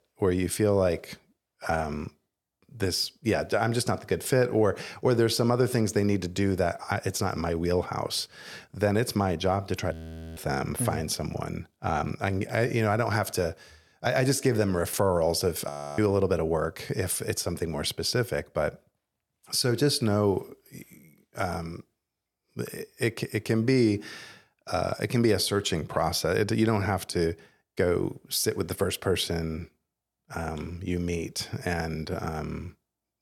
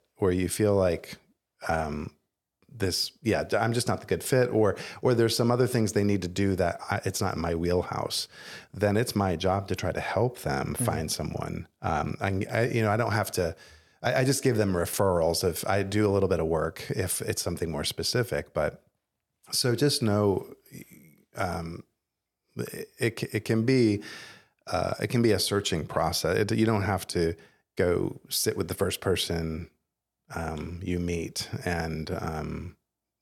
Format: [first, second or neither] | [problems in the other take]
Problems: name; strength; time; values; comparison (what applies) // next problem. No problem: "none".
second | audio freezing; at 10 s and at 16 s